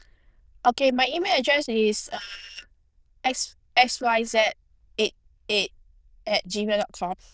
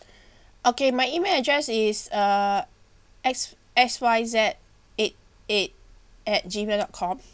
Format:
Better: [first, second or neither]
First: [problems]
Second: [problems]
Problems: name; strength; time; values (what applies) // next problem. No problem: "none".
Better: second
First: noise reduction (neural diffusion model UNIVERSE++)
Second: none